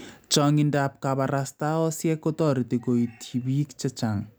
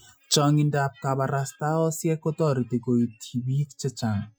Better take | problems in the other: first | noise reduction (classical method Wiener filter)

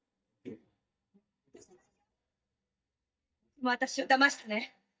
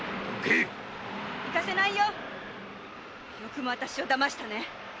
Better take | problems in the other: second | noise reduction (neural mask model DeepFilterNet 3)

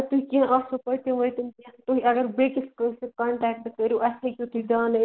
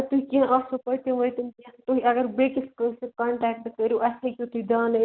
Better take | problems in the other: second | noise reduction (neural mask model Resemble Enhance denoiser)

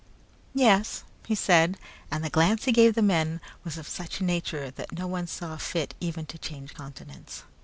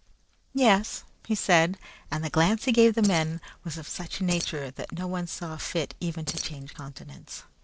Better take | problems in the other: first | noise reduction (neural separator model SepFormer DNS4)

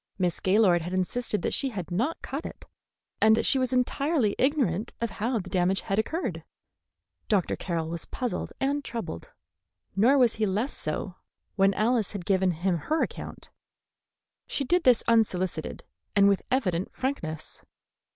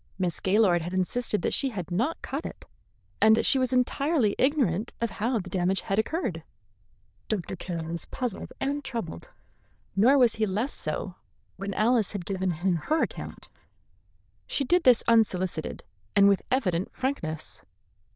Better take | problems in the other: first | noise reduction (neural diffusion model UNIVERSE++)

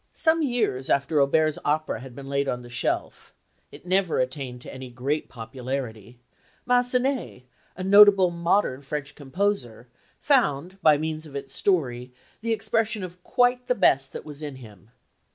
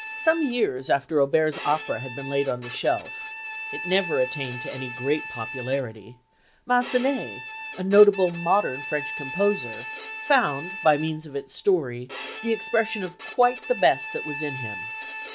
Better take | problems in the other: first | background sound (Bowed string instrument); 11 dB below the speech

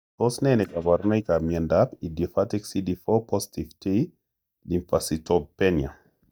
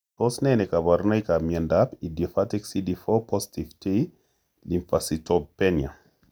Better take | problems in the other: second | noise reduction (neural mask model DeepFilterNet 3)

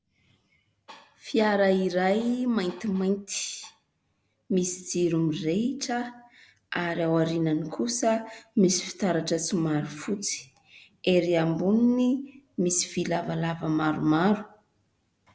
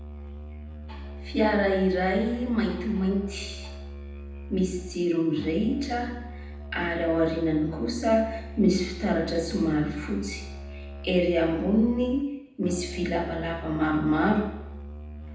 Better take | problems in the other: first | background sound (Musical instrument); 12 dB below the speech // room echo; dies away in 0.8 s

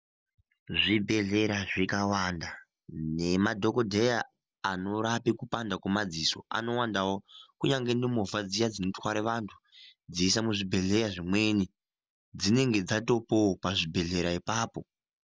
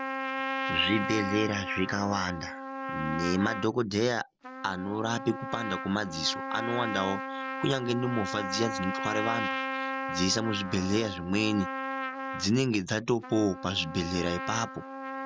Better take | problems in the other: first | background sound (Trumpet); 5 dB below the speech

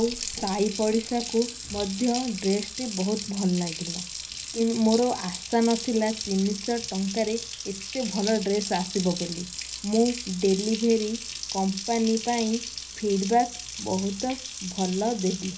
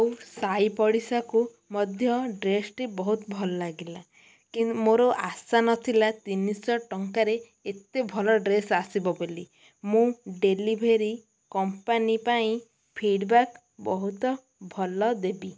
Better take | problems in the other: second | background sound (Water tap, faucet); 9 dB below the speech // room echo; dies away in 0.5 s

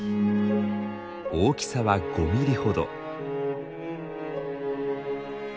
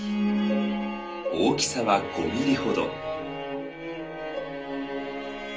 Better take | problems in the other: first | room echo; dies away in 0.3 s

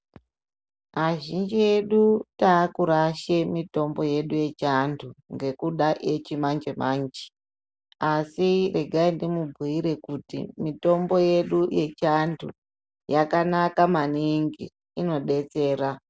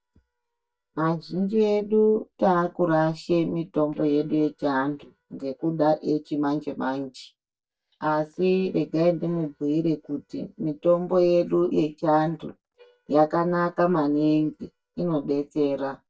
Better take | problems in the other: first | noise reduction (neural mask model DeepFilterNet 3)

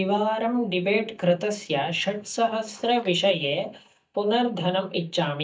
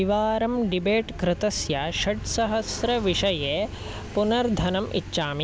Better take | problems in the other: second | noise reduction (neural mask model DeepFilterNet 3)

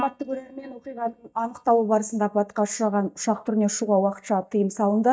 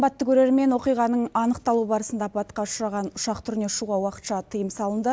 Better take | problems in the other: second | noise reduction (neural mask model DeepFilterNet 3)

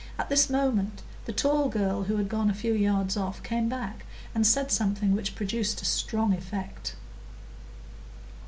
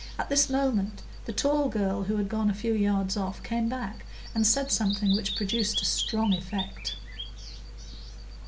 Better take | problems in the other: first | background sound (Bird vocalization, bird call, bird song); 12 dB below the speech

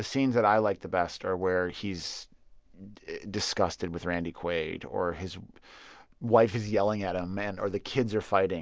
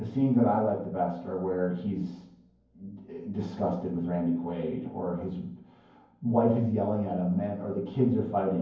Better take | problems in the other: first | room echo; dies away in 0.9 s

